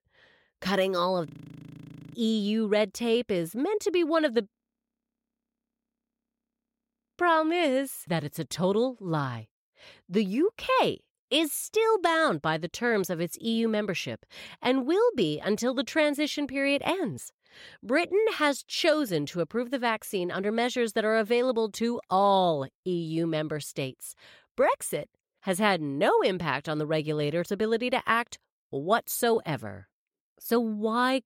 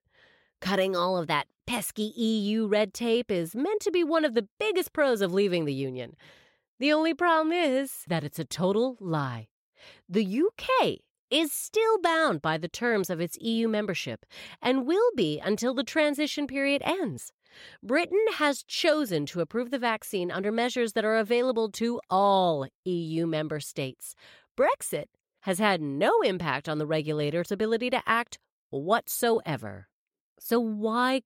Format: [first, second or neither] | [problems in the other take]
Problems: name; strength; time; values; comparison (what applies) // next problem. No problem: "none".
second | audio freezing; at 1.5 s for 1 s and at 4.5 s for 2.5 s